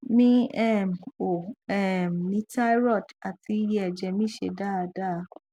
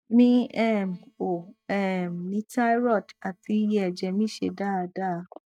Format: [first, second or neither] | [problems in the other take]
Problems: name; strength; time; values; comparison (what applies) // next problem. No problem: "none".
first | noise reduction (neural mask model DeepFilterNet 3)